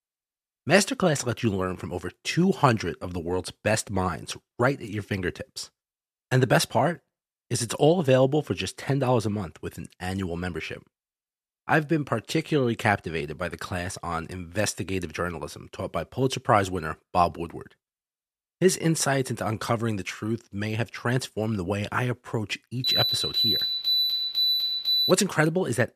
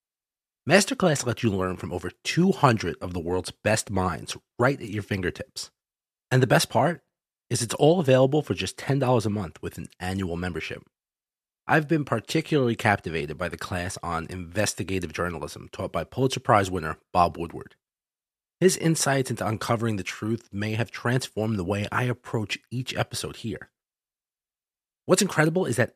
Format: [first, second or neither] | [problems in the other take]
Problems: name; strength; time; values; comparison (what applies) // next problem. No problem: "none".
second | alarm; loud; from 23 to 25 s; peak 5 dB above the speech